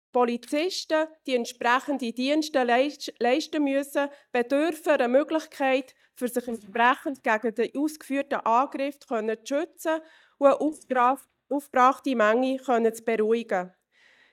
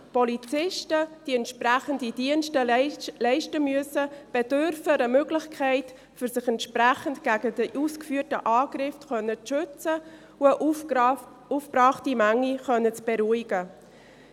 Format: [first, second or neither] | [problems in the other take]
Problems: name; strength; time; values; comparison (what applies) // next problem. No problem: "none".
second | noise reduction (neural mask model DeepFilterNet 3)